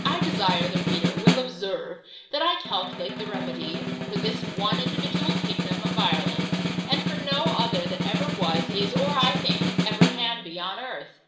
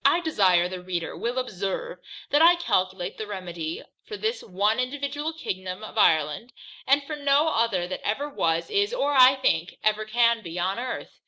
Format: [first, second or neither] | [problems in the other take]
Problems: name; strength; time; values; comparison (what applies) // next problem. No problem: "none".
second | background sound (Snare drum); 2 dB above the speech // room echo; dies away in 0.9 s